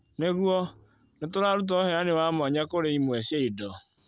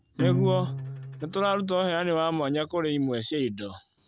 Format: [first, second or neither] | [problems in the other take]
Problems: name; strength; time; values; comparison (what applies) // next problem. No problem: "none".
first | background sound (Acoustic guitar); 4 dB below the speech